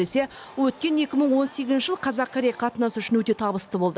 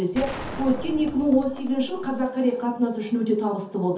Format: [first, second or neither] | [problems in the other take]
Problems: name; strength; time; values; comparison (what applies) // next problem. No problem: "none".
first | background sound (Gunshot, gunfire); 12 dB below the speech // room echo; dies away in 0.5 s